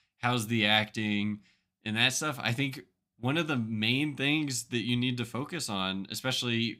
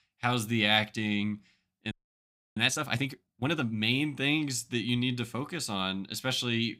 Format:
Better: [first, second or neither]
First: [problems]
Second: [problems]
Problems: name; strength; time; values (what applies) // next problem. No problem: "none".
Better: first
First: none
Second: audio freezing; at 2 s for 0.5 s